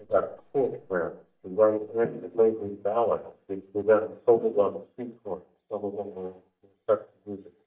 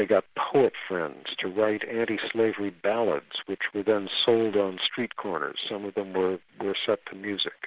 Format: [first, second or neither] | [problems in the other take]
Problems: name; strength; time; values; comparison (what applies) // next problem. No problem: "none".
second | noise reduction (neural mask model DeepFilterNet 3)